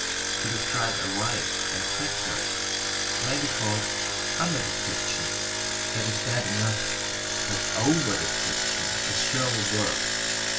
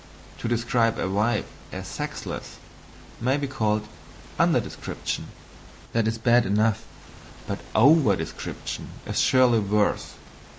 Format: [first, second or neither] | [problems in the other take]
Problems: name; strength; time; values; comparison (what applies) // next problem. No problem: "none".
second | background sound (Engine); 5 dB above the speech // room echo; dies away in 0.2 s